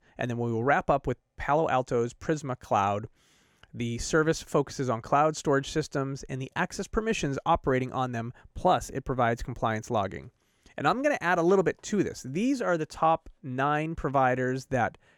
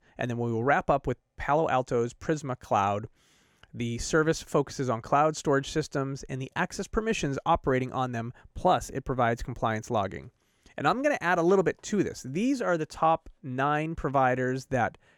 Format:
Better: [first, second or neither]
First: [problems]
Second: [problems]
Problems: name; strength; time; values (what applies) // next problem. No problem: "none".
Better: neither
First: none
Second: none